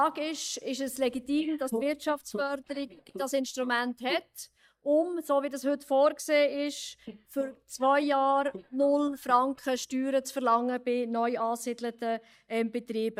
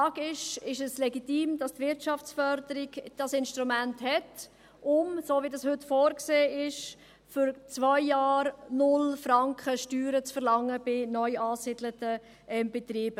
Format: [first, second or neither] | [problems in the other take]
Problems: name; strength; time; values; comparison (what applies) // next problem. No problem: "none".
second | noise reduction (neural mask model DeepFilterNet 3)